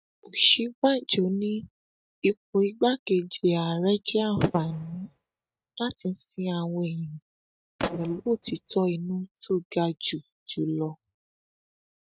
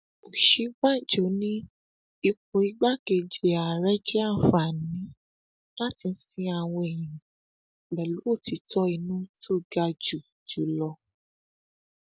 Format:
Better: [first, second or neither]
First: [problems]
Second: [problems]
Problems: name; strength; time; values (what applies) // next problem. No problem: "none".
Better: second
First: noise reduction (neural mask model RNNoise)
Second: none